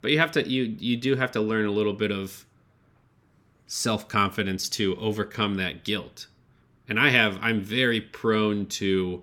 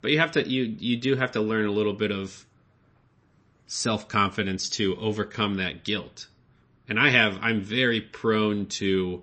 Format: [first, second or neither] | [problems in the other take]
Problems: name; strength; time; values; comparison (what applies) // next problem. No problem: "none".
first | garbled, watery; slightly; nothing above 8 kHz